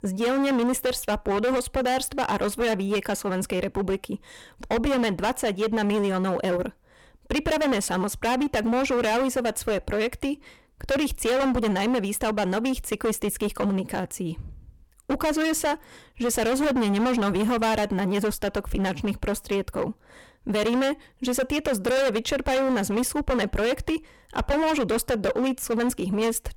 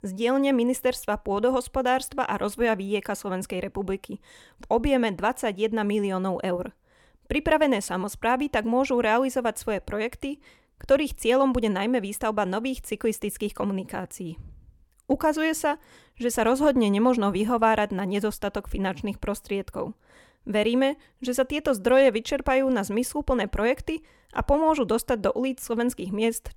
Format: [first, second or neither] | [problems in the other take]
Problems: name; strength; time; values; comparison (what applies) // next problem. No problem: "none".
second | distortion; heavy; 21% of the sound clipped